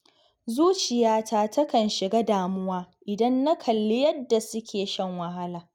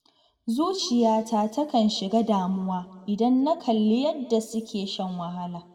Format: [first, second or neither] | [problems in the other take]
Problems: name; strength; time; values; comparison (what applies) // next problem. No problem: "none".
first | room echo; dies away in 1.5 s